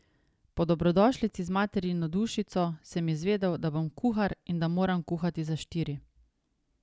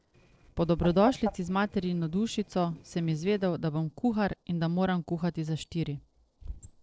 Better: first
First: none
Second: noise reduction (neural separator model SepFormer DNS4)

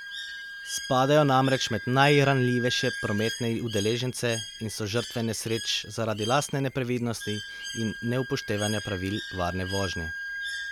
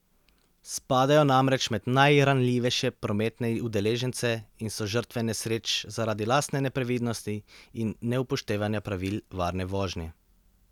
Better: second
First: background sound (Wind instrument, woodwind instrument + Bird); 10 dB below the speech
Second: none

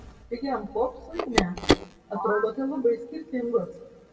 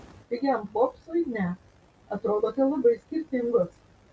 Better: second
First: background sound (Telephone); as loud as the speech // room echo; dies away in 1.1 s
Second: none

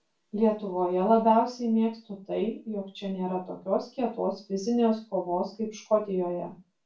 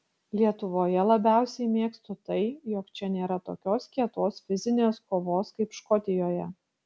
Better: second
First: room echo; dies away in 0.3 s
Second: none

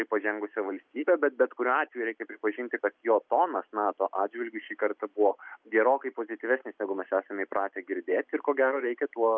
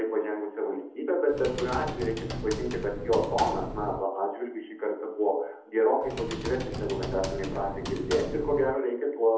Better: first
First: none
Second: background sound (Typing); 9 dB below the speech // room echo; dies away in 0.7 s

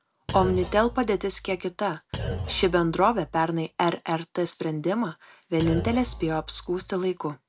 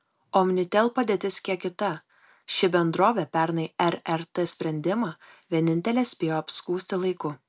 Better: second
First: background sound (Thump, thud); 9 dB below the speech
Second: none

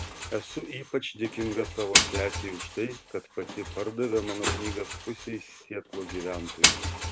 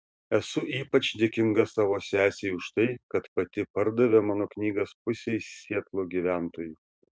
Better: second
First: background sound (Engine); 2 dB above the speech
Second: none

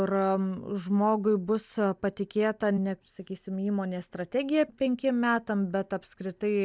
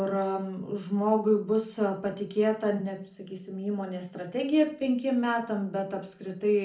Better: first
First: none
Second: room echo; dies away in 0.4 s

